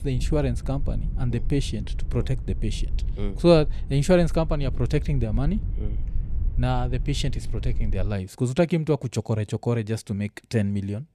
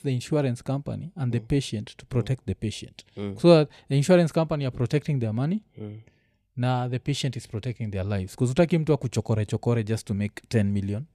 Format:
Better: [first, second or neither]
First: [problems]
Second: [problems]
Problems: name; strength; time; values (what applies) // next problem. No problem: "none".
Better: second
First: low rumble; faint; until 8 s; 20 dB below the speech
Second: none